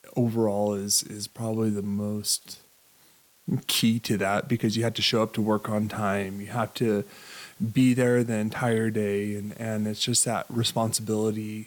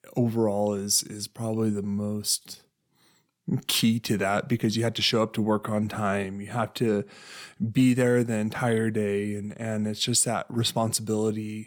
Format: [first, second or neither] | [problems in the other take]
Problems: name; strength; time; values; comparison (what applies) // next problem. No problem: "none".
second | hiss; faint; throughout; 25 dB below the speech